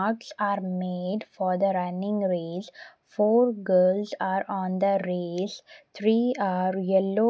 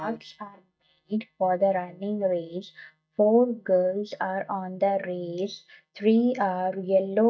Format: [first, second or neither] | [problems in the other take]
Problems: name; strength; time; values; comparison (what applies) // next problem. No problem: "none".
first | noise reduction (neural mask model DeepFilterNet 3)